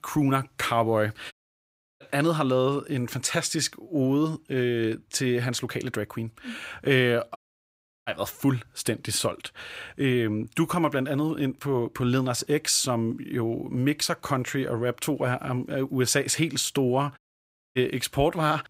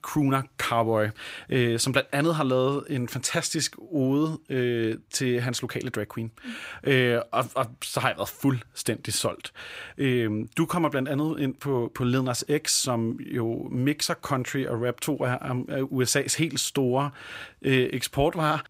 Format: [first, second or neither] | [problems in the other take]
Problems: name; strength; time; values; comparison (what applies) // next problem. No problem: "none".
second | audio cutting out; at 1.5 s for 0.5 s, at 7.5 s for 0.5 s and at 17 s for 0.5 s